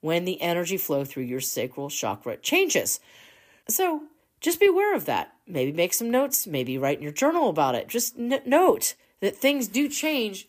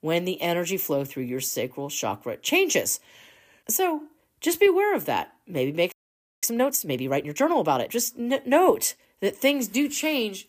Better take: first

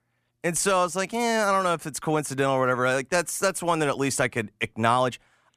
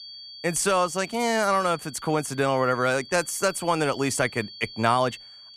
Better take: first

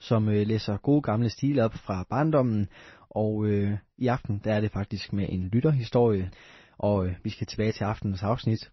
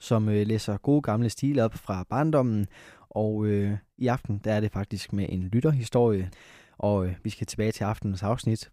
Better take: second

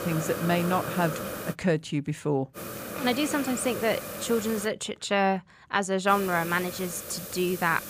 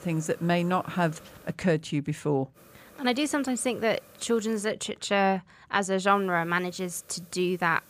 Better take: second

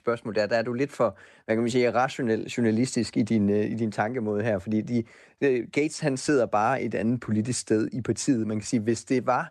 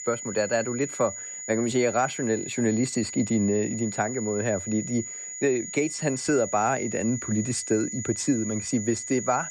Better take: first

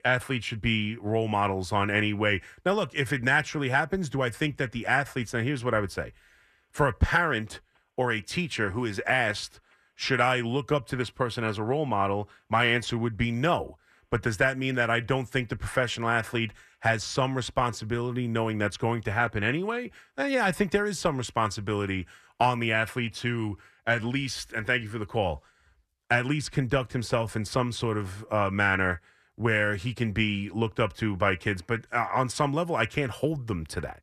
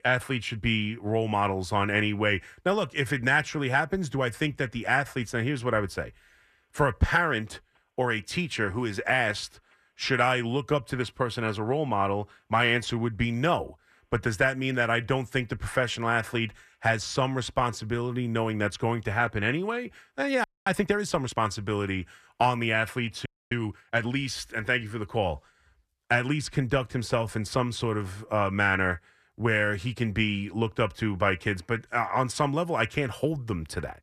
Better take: first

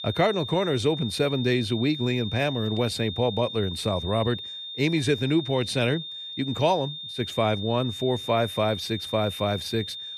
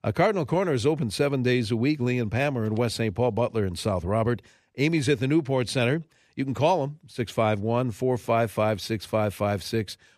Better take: second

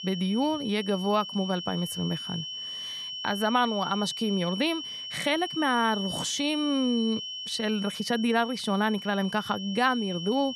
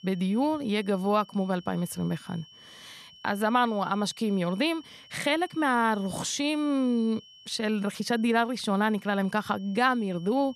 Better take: second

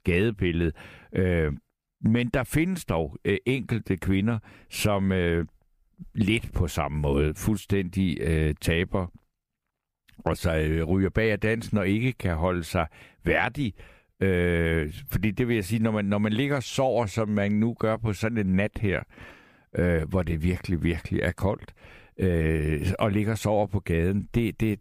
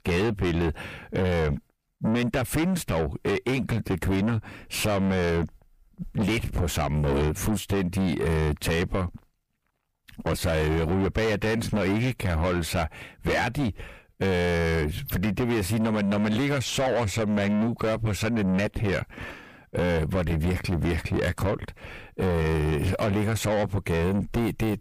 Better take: first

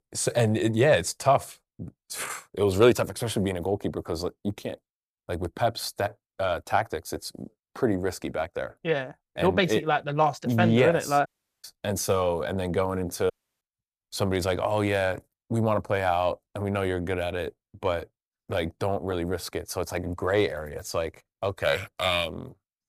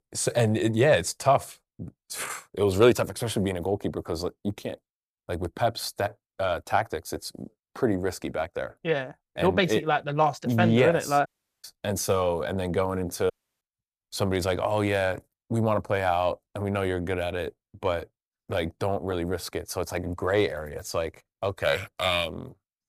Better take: neither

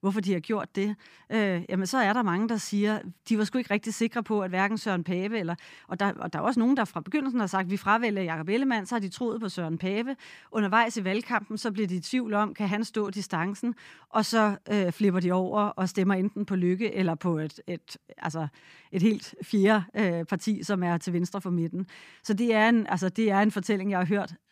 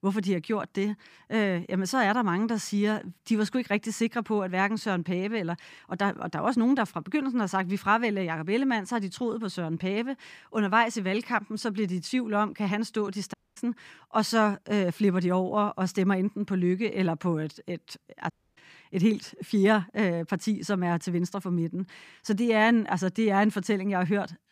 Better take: first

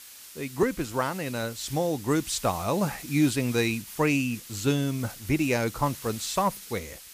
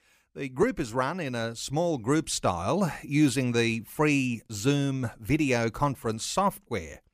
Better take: second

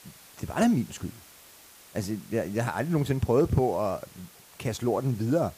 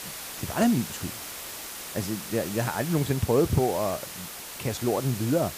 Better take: first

